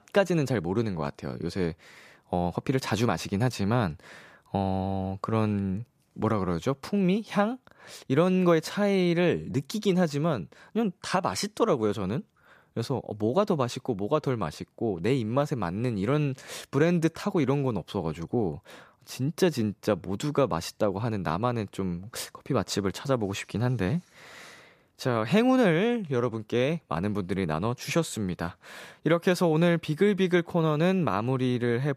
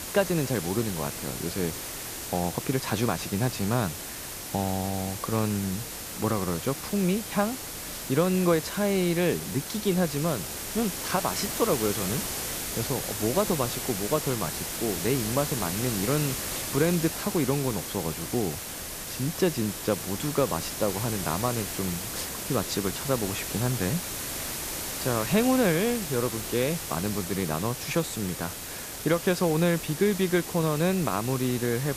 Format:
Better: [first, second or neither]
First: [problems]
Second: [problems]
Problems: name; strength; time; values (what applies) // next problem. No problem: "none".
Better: first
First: none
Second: hiss; loud; throughout; 4 dB below the speech